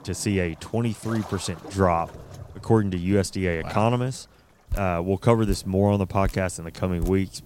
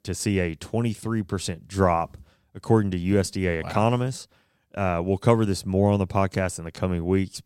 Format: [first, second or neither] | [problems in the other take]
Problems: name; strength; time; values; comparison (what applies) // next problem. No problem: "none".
second | rain or running water; noticeable; throughout; 15 dB below the speech